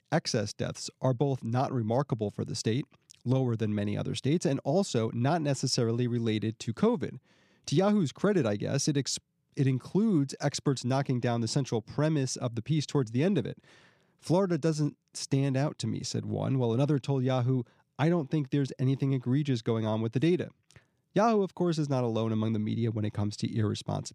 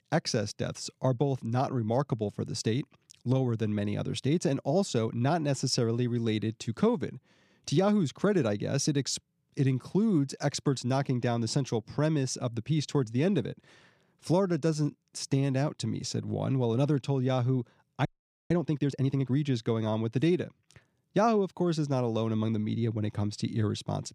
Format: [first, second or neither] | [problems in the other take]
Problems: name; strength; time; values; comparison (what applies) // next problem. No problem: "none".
first | audio freezing; at 18 s